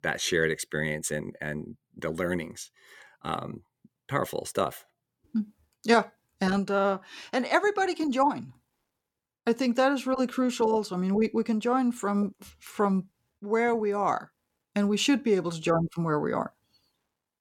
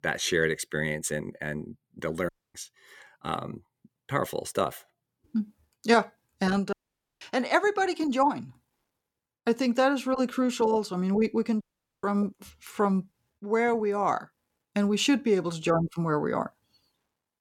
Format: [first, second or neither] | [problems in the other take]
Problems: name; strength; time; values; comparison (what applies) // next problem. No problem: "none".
first | audio cutting out; at 2.5 s, at 6.5 s and at 12 s